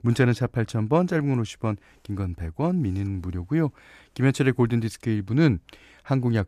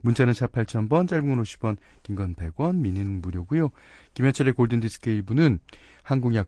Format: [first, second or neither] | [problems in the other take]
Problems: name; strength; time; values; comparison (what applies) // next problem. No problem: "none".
first | garbled, watery; slightly